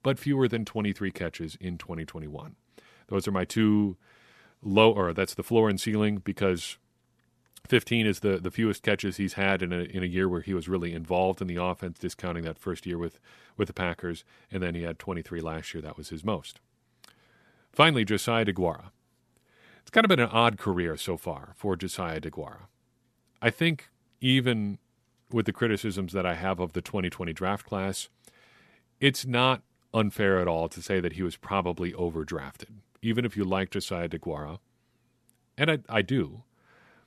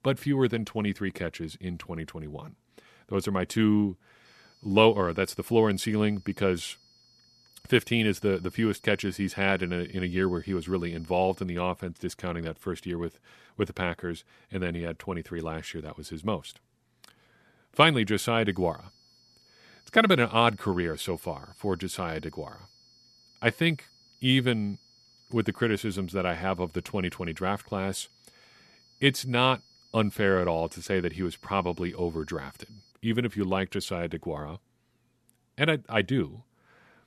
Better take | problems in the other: first | high-pitched whine; faint; from 4.5 to 11 s and from 18 to 33 s; 4.5 kHz, 30 dB below the speech

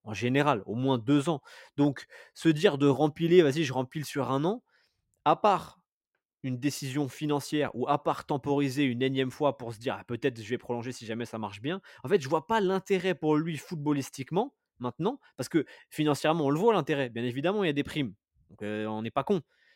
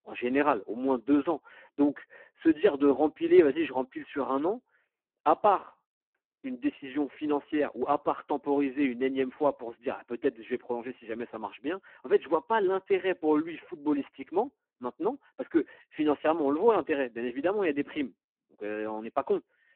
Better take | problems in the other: first | phone-call audio; poor line

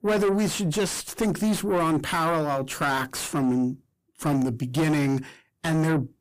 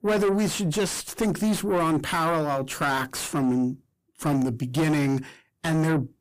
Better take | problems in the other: neither | distortion; heavy; 5 dB below the speech; the same in both

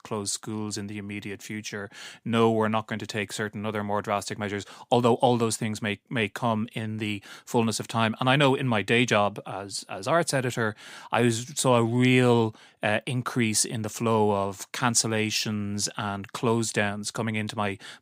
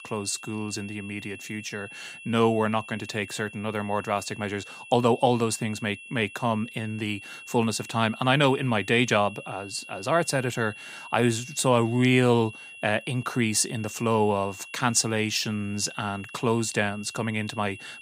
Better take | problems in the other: first | high-pitched whine; noticeable; throughout; 2.5 kHz, 15 dB below the speech

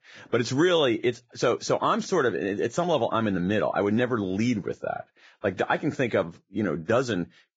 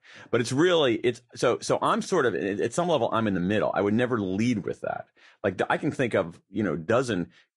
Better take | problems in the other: second | garbled, watery; badly; nothing above 7.5 kHz; slightly in the second

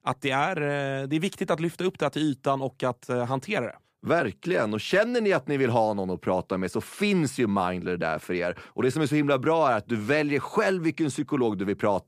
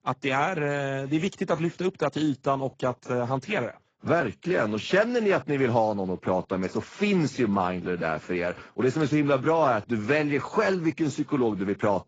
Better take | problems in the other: first | garbled, watery; badly; nothing above 7.5 kHz

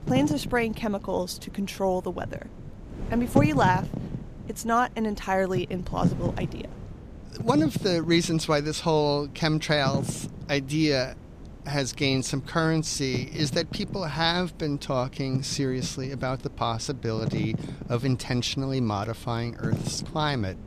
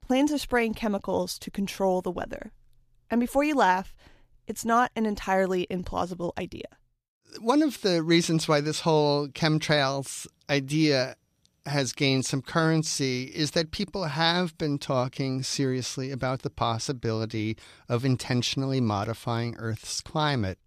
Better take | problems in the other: second | wind noise on the microphone; occasional gusts; 15 dB below the speech

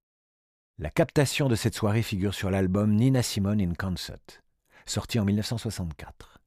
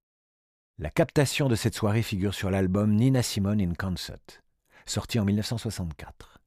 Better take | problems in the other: neither | none

